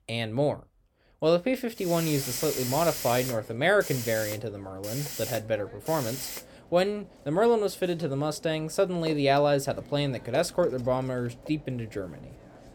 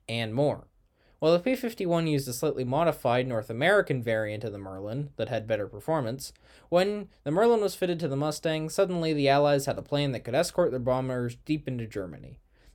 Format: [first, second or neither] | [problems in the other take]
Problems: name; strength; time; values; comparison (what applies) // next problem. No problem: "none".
second | hiss; loud; from 2 s on; 8 dB below the speech